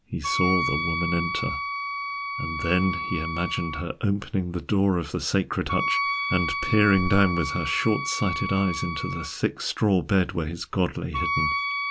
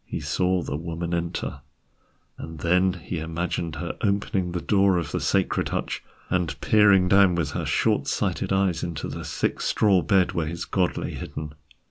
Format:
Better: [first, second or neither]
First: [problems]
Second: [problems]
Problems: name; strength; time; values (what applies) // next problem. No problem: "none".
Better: second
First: background sound (Wind instrument, woodwind instrument); 5 dB below the speech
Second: none